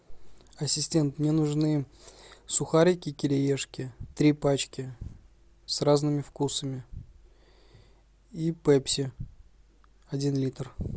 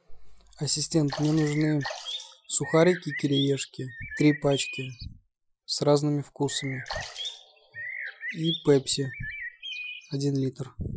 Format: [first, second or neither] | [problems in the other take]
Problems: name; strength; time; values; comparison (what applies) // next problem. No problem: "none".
first | noise reduction (classical method Wiener filter)